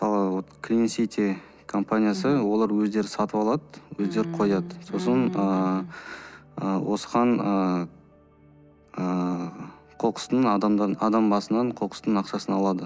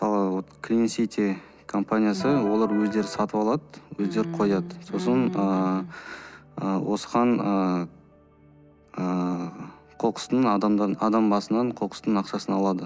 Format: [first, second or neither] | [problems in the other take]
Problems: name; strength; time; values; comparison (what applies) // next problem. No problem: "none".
first | background sound (Electric guitar); 10 dB below the speech